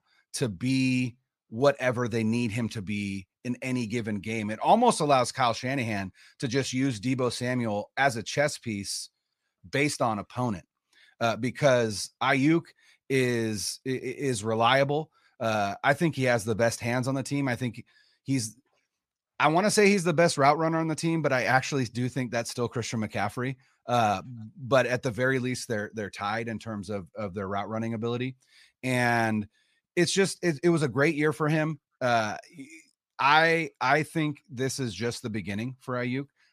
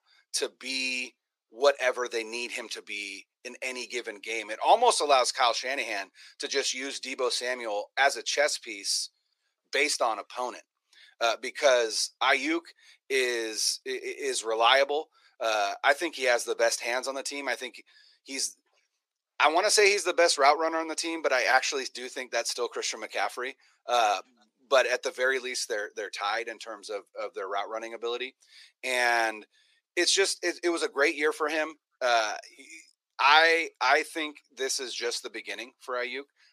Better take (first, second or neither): first